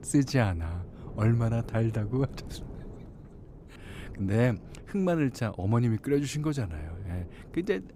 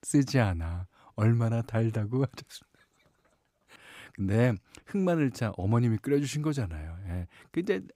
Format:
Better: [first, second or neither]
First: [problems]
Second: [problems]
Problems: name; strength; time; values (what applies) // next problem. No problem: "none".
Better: second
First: wind noise on the microphone; occasional gusts; 20 dB below the speech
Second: none